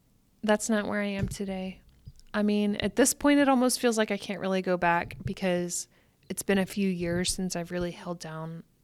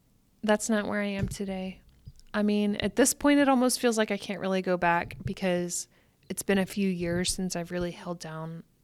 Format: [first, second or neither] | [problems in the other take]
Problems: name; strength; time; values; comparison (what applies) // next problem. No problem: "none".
neither | none